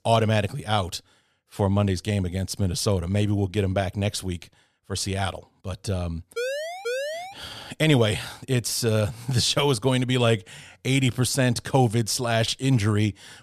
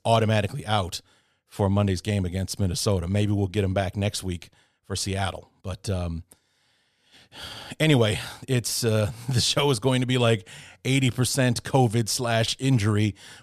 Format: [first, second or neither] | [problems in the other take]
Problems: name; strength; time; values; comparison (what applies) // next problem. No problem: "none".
second | siren; noticeable; at 6.5 s; peak 5 dB below the speech